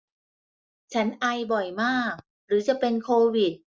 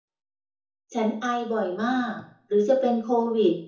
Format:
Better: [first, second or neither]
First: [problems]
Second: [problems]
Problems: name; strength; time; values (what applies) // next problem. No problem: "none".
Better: first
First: none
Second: room echo; dies away in 0.6 s